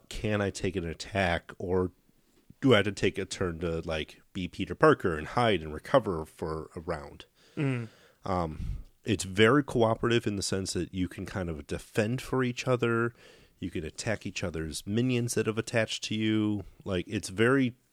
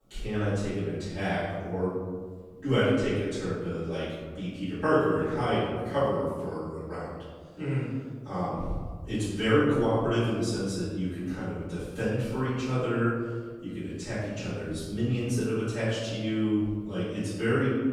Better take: first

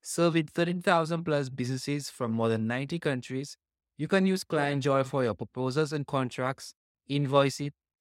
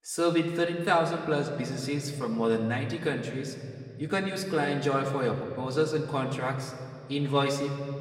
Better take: first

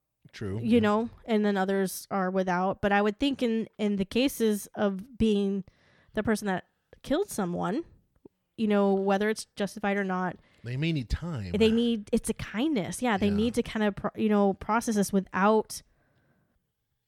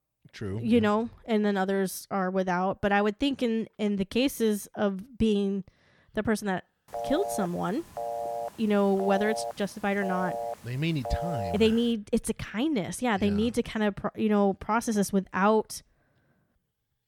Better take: first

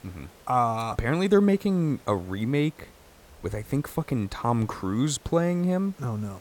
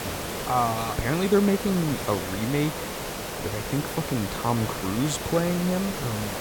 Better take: first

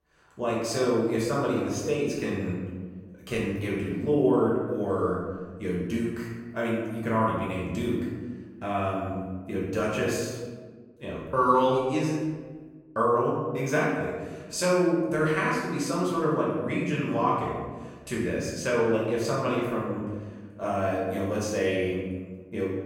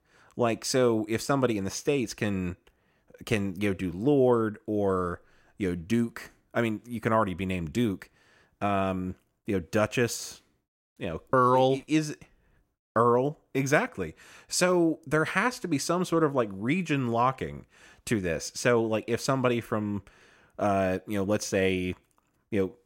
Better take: second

